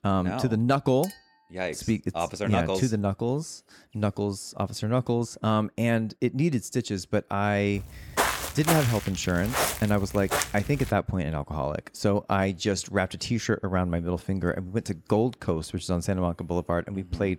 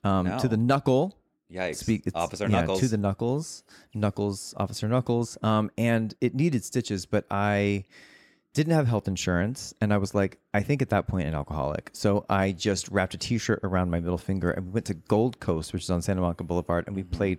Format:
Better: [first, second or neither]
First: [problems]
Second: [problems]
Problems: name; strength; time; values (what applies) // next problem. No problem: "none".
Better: second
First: clattering dishes; faint; at 1 s; peak 15 dB below the speech // footsteps; loud; from 8 to 11 s; peak 2 dB above the speech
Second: none